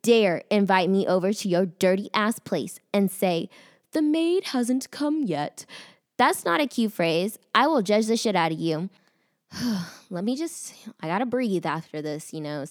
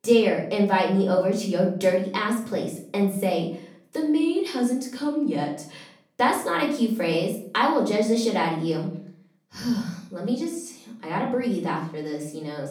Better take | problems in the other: first | off-mic speech; far // room echo; slight; dies away in 0.5 s

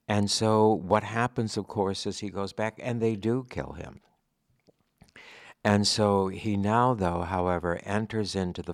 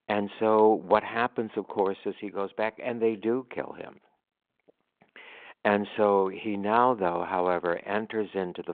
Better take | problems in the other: first | phone-call audio; nothing above 4 kHz

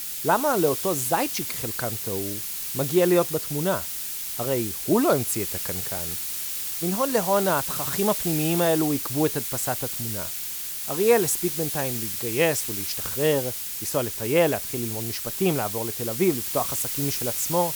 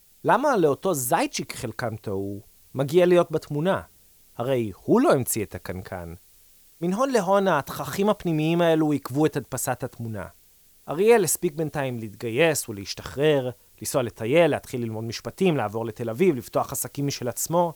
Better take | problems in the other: second | hiss; loud; throughout; 2 dB below the speech; faint in the second

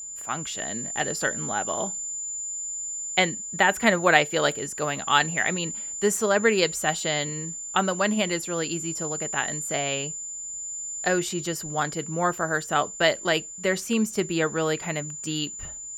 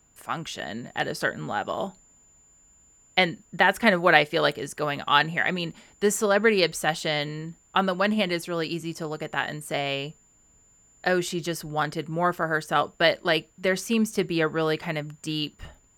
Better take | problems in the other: second | high-pitched whine; loud; throughout; 7 kHz, 6 dB below the speech; faint in the second

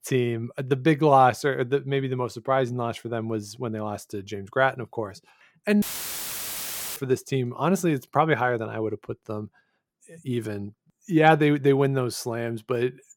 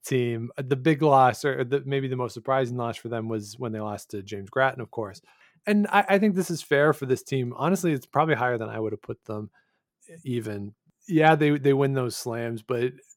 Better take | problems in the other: second | audio cutting out; filled with static; at 6 s for 1 s

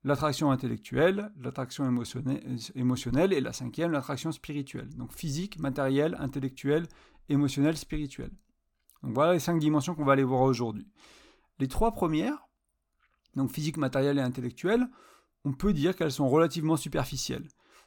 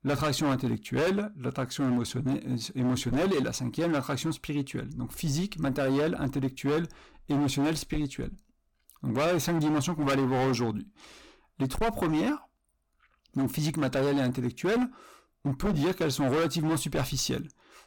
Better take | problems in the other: first | distortion; heavy; 17% of the sound clipped

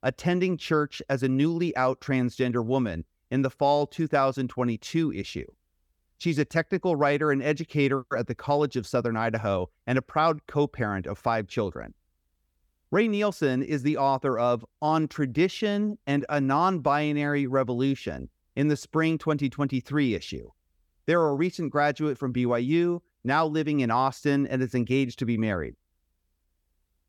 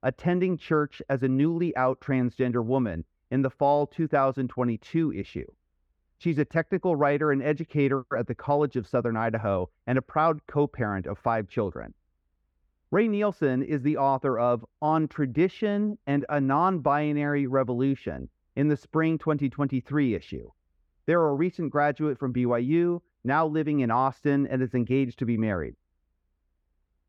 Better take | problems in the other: first | muffled; slightly; fading above 3.5 kHz

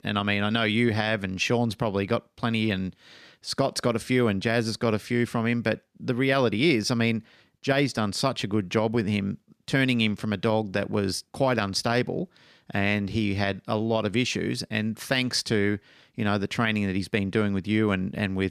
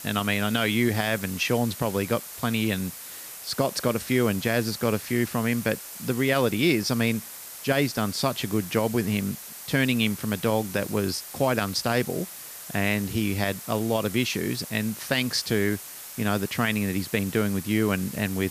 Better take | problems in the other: first | hiss; noticeable; throughout; 10 dB below the speech

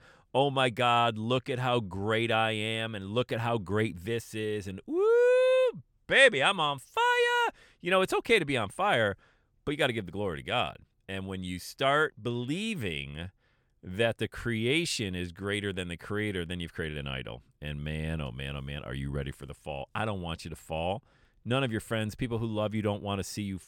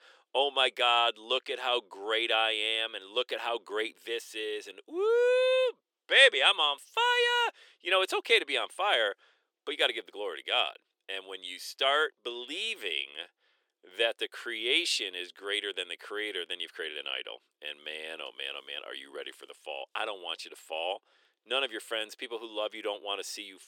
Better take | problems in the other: first | thin; very; fading below 350 Hz

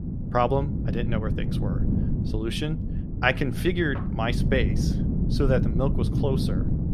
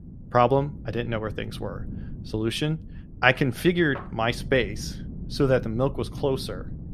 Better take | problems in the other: second | wind noise on the microphone; heavy; 9 dB below the speech; occasional gusts in the second

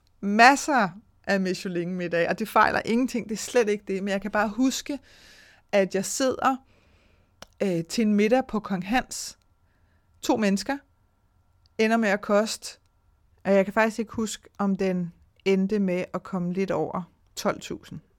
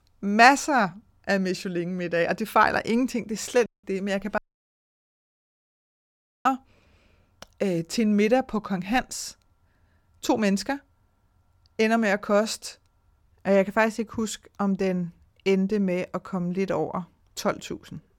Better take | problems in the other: first | audio cutting out; at 3.5 s and at 4.5 s for 2 s

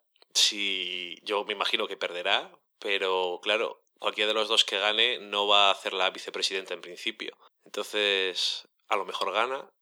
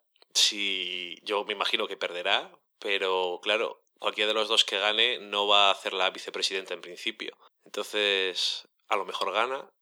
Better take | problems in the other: neither | thin; very; fading below 450 Hz; the same in both

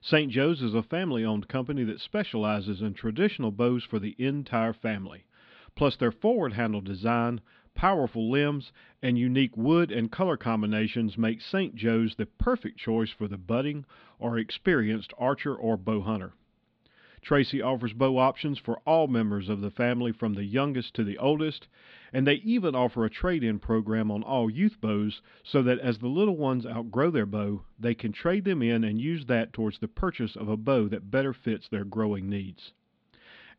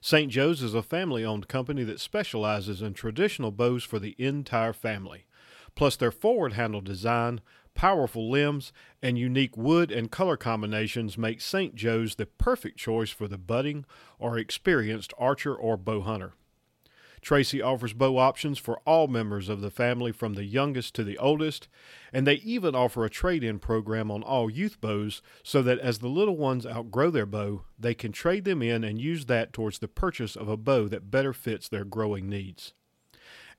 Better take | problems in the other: second | muffled; very slightly; fading above 4 kHz

